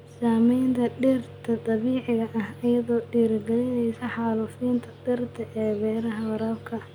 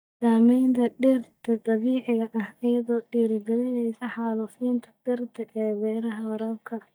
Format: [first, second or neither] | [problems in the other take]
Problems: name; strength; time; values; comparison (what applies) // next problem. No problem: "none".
first | noise reduction (neural mask model DeepFilterNet 3)